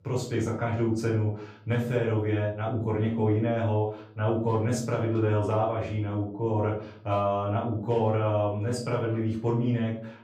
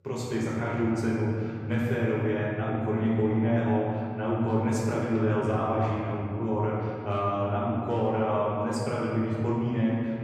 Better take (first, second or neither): first